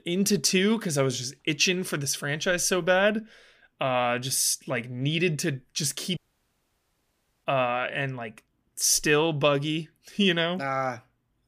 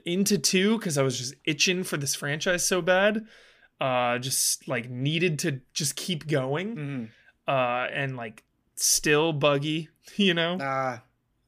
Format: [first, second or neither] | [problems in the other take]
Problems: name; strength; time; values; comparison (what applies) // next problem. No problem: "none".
second | audio cutting out; at 6 s for 1.5 s